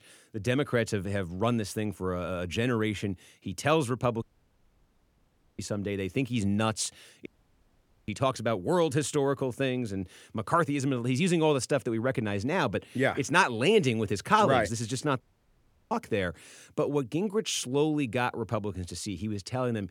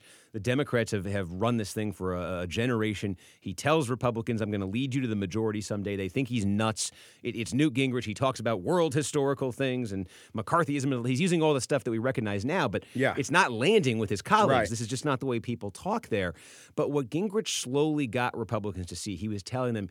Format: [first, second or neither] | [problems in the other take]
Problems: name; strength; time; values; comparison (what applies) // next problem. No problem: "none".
second | audio cutting out; at 4 s for 1.5 s, at 7.5 s for 1 s and at 15 s for 0.5 s